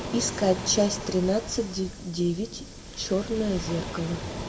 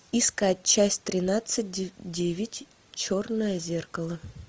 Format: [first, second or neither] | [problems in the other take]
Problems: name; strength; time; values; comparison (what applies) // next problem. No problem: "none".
second | background sound (Waves, surf); 9 dB below the speech // room echo; dies away in 1.2 s